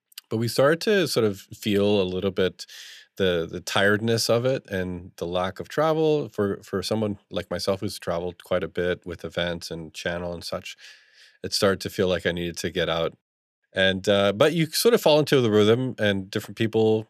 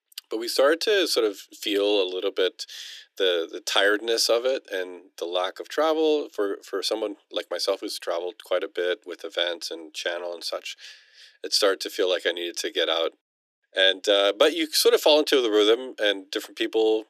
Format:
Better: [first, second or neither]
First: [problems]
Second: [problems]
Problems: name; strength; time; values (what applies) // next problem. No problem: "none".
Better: first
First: none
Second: thin; somewhat; fading below 300 Hz